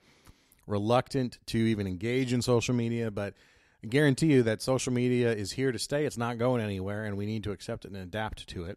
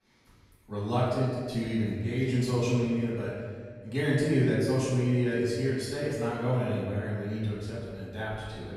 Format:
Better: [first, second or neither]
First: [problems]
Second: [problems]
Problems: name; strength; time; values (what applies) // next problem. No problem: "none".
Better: first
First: none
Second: off-mic speech; far // room echo; strong; dies away in 1.6 s